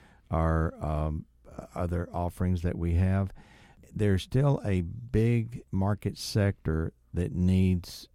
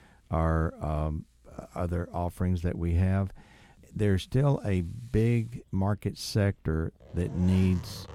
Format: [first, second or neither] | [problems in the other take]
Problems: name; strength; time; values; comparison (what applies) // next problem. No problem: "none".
first | household noises; noticeable; throughout; 20 dB below the speech